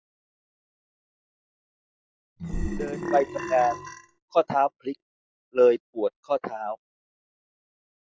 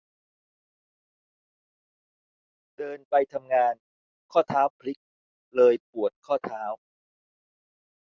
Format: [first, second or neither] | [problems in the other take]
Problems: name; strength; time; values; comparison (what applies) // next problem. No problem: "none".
second | noise reduction (classical method log-MMSE)